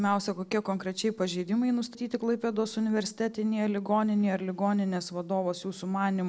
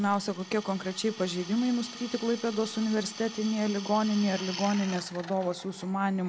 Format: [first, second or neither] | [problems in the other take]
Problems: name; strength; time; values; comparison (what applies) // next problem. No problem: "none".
first | background sound (Drill); 14 dB below the speech